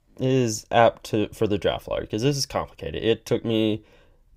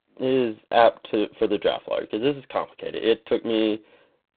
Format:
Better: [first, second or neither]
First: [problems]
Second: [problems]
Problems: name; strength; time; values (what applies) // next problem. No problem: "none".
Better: first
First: none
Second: phone-call audio; poor line; nothing above 3.5 kHz